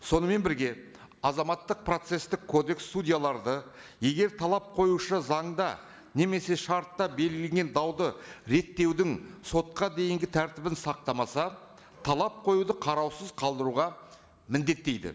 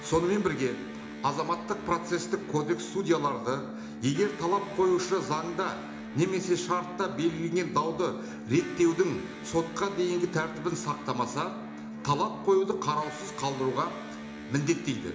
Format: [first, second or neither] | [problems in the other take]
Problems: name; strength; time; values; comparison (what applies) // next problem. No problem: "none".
first | background sound (Electric guitar); 11 dB below the speech // room echo; dies away in 0.8 s